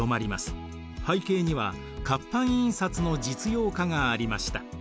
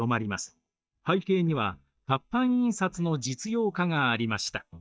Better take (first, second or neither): first